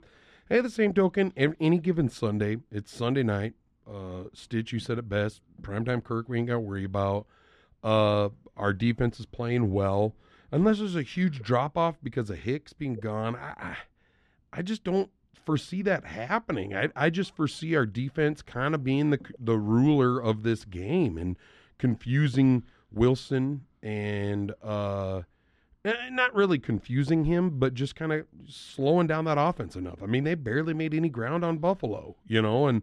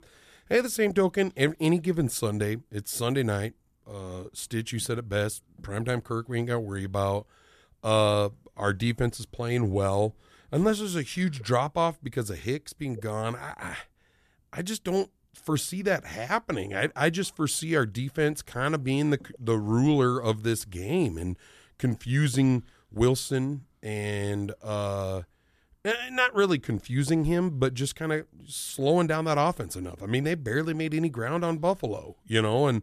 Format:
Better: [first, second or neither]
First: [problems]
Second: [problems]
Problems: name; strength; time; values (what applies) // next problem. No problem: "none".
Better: second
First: muffled; slightly; fading above 3.5 kHz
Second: none